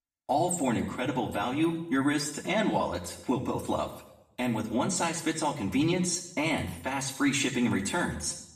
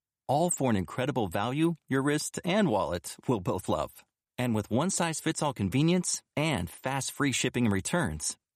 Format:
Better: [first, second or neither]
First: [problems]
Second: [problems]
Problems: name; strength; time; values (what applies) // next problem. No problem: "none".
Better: second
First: room echo; slight; dies away in 0.7 s // off-mic speech; far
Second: none